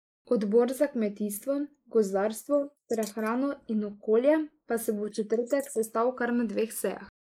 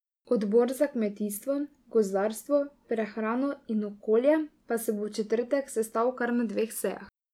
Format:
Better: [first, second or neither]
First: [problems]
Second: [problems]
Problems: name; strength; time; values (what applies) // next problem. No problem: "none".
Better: second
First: noise reduction (neural mask model Resemble Enhance denoiser)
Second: none